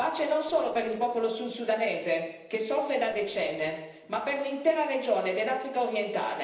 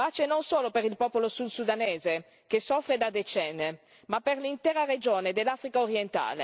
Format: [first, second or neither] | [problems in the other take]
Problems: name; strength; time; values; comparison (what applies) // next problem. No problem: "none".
second | noise reduction (neural separator model SepFormer DNS4)